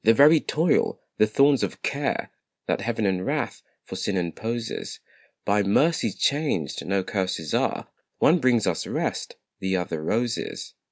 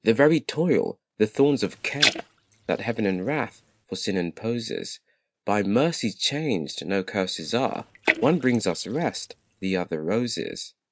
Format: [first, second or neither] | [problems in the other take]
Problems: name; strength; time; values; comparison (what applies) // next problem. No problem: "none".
first | noise reduction (neural mask model RNNoise)